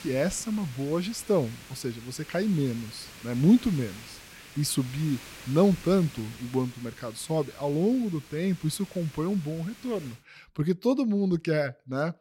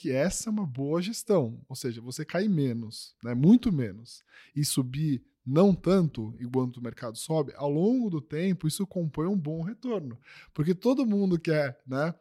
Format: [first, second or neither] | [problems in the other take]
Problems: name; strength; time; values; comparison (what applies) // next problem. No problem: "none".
second | hiss; noticeable; until 10 s; 15 dB below the speech